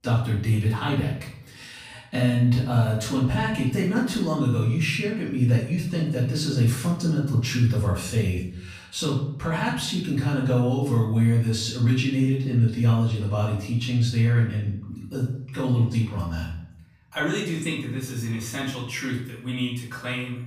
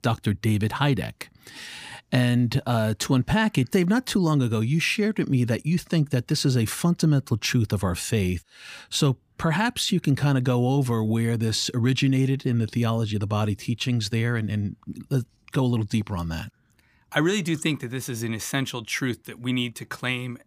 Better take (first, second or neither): second